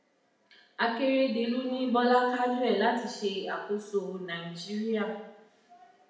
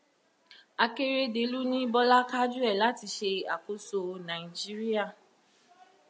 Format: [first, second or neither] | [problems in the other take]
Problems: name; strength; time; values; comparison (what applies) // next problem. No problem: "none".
second | room echo; dies away in 0.8 s